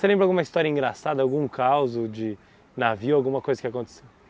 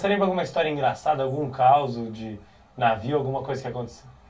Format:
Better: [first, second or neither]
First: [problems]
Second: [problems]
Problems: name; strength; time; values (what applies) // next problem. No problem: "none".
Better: first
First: none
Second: room echo; dies away in 0.2 s